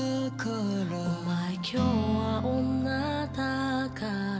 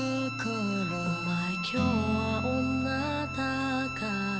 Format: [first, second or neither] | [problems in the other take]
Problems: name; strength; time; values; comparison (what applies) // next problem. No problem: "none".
first | background sound (Bowed string instrument); 7 dB below the speech